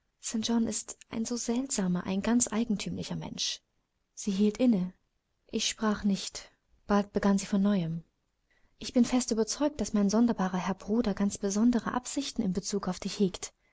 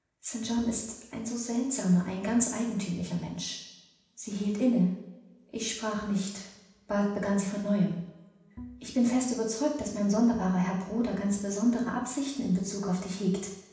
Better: first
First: none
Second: background sound (Bowed string instrument); 20 dB below the speech // room echo; dies away in 0.9 s

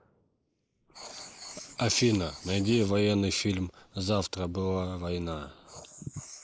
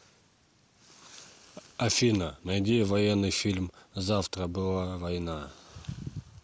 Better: second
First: noise reduction (neural mask model Resemble Enhance denoiser)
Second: none

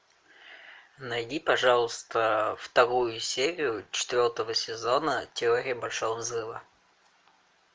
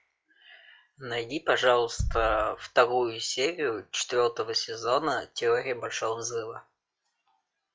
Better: first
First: none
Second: noise reduction (classical method log-MMSE)

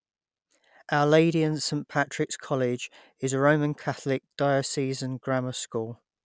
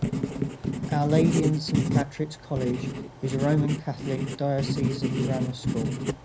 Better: first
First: none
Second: background sound (Writing); as loud as the speech // room echo; dies away in 0.5 s

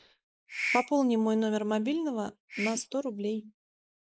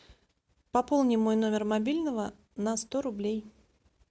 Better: second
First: noise reduction (neural mask model Resemble Enhance denoiser)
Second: none

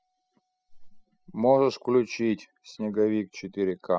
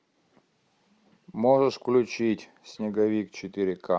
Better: second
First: noise reduction (classical method spectral subtraction)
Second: none

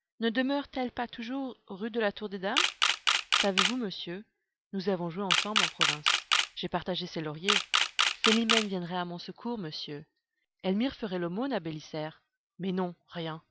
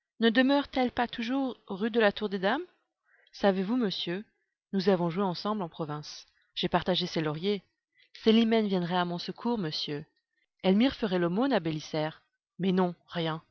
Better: second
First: background sound (Camera); 4 dB above the speech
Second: none

